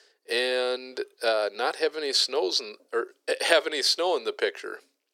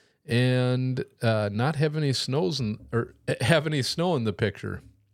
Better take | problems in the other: second | thin; very; fading below 350 Hz

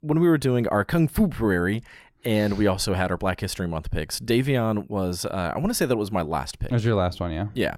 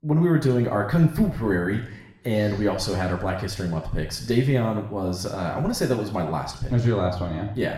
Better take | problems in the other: first | room echo; slight; dies away in 0.7 s // off-mic speech; somewhat distant

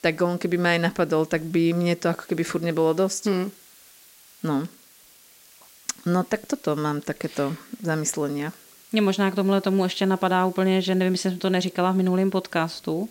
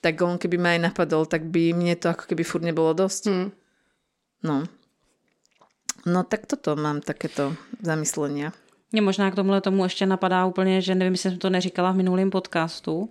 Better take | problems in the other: second | hiss; faint; throughout; 25 dB below the speech

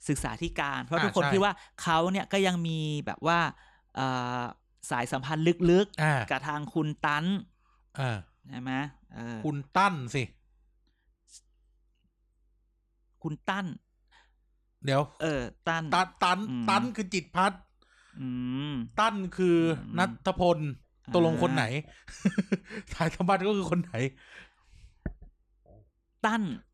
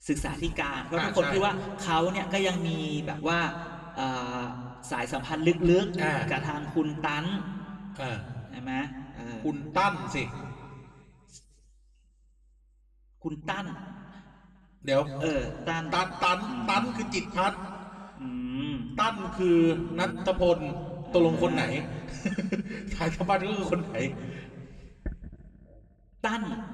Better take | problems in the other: first | room echo; slight; dies away in 1.8 s // off-mic speech; somewhat distant

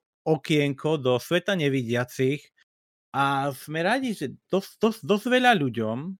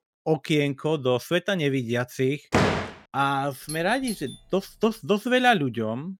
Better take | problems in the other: first | door banging; loud; at 2.5 s; peak 2 dB above the speech // doorbell; faint; from 3.5 to 4.5 s; peak 15 dB below the speech

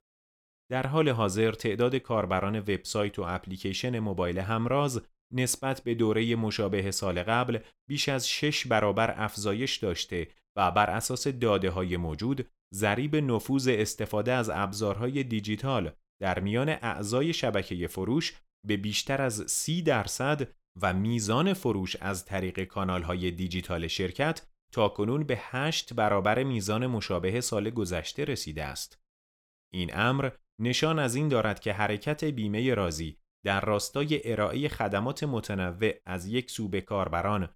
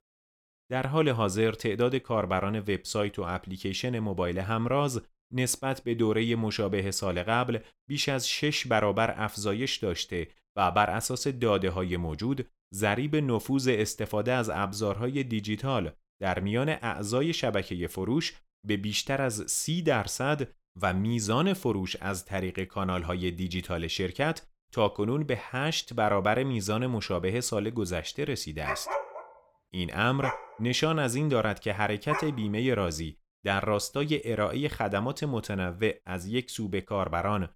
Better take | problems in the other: first | dog barking; noticeable; from 29 to 32 s; peak 3 dB below the speech

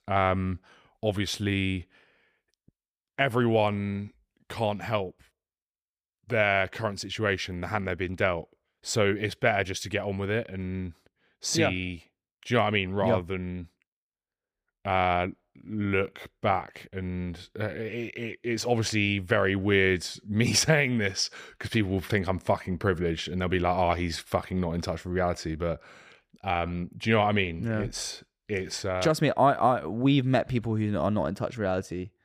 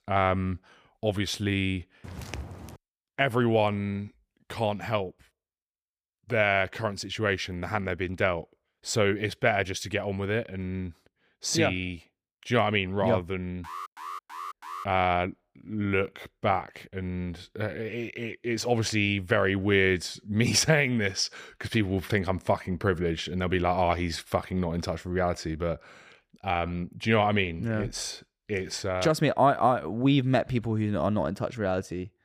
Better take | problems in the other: first | footsteps; faint; at 2 s; peak 10 dB below the speech // alarm; faint; from 14 to 15 s; peak 10 dB below the speech

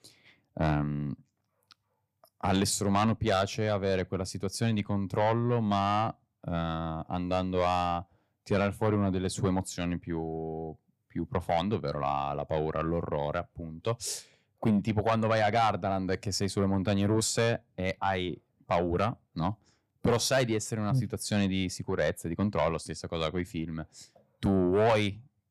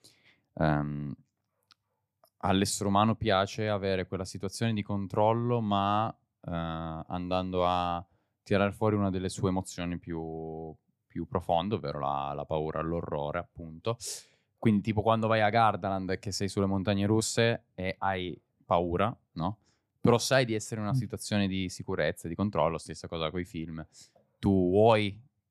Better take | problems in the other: second | distortion; slight; 10 dB below the speech

